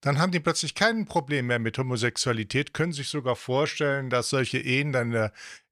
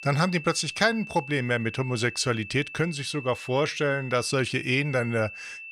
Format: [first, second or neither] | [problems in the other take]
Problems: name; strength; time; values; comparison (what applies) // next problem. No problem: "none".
first | high-pitched whine; noticeable; throughout; 2.5 kHz, 15 dB below the speech